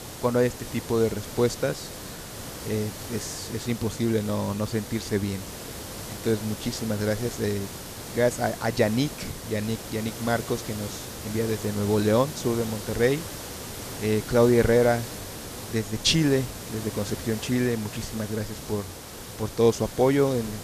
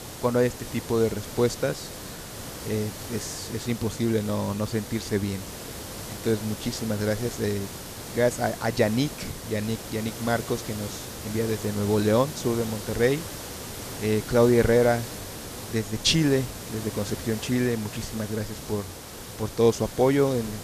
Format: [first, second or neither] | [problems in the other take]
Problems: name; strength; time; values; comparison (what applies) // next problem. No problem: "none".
neither | hiss; noticeable; throughout; 10 dB below the speech; the same in both